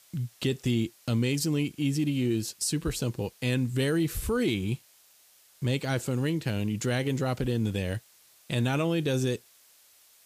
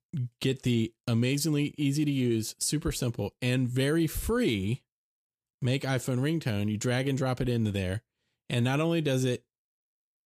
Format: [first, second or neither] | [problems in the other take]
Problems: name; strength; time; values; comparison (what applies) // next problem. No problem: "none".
second | hiss; faint; throughout; 25 dB below the speech